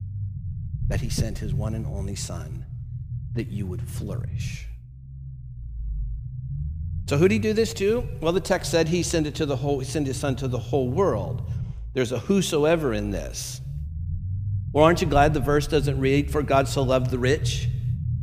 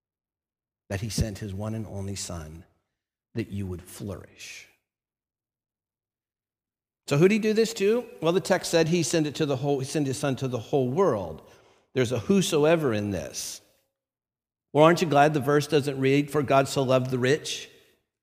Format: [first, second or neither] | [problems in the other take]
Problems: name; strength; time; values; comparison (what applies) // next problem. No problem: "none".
second | low rumble; faint; throughout; 20 dB below the speech